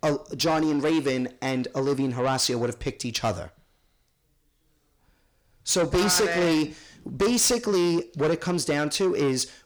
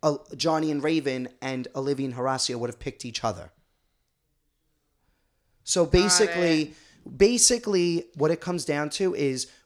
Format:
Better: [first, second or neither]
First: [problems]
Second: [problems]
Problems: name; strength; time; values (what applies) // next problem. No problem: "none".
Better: second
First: distortion; heavy; 7 dB below the speech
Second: none